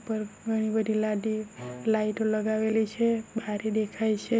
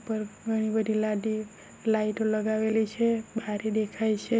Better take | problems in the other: second | background sound (Bowed string instrument); 19 dB below the speech

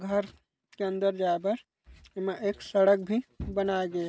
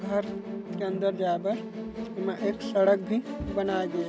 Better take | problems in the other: first | background sound (Musical instrument); 7 dB below the speech

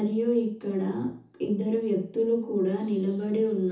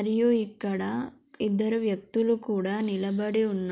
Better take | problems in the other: second | room echo; dies away in 0.6 s

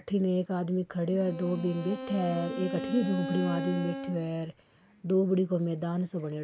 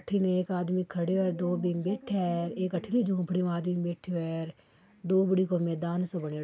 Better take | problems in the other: second | background sound (Bowed string instrument); 8 dB below the speech

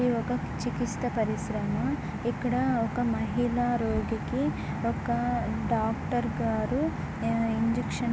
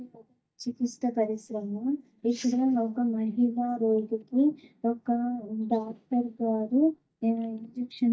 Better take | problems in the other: first | noise reduction (neural mask model DeepFilterNet 3)

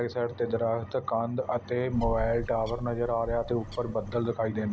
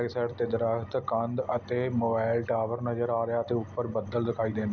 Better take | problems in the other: second | background sound (Bird); 9 dB below the speech

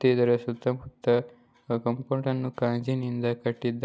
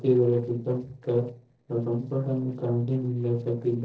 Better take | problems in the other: first | noise reduction (neural separator model SepFormer DNS4)

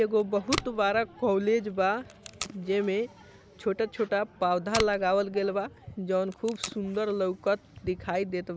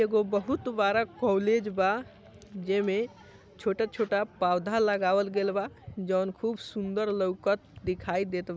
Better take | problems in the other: second | background sound (Packing tape, duct tape); 14 dB below the speech

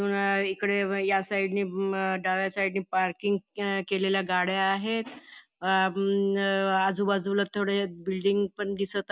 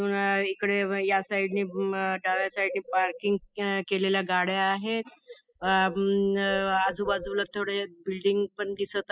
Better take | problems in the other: first | noise reduction (classical method spectral subtraction)

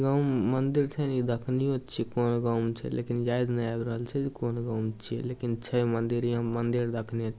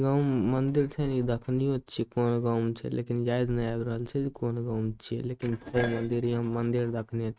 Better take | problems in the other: first | noise reduction (neural mask model RNNoise)

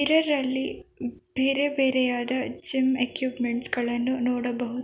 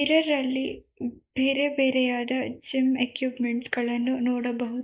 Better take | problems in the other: first | noise reduction (neural mask model Resemble Enhance denoiser)

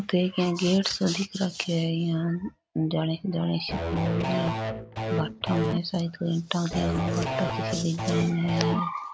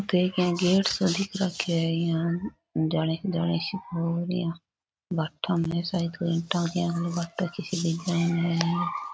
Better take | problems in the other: second | background sound (Electric guitar / Bass guitar); 3 dB below the speech

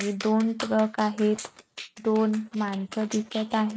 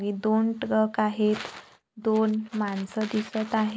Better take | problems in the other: second | noise reduction (neural mask model RNNoise)

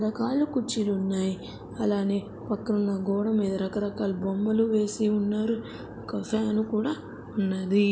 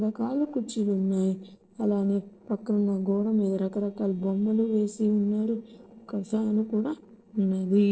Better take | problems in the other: first | noise reduction (neural separator model SepFormer DNS4)

